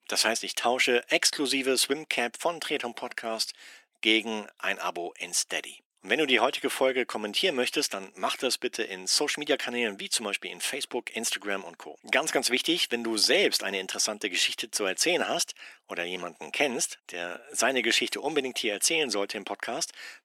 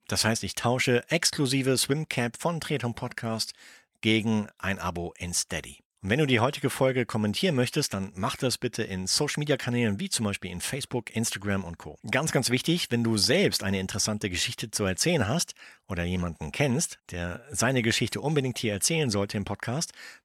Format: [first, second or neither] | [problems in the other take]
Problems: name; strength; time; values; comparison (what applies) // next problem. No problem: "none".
second | thin; somewhat; fading below 300 Hz